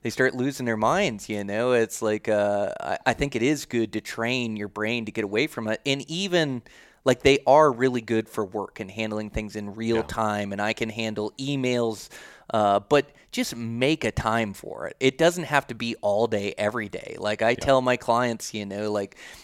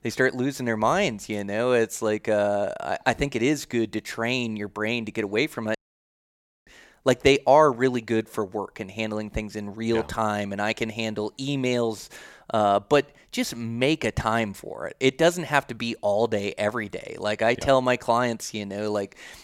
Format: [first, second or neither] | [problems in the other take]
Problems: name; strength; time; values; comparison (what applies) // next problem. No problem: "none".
first | audio cutting out; at 6 s for 1 s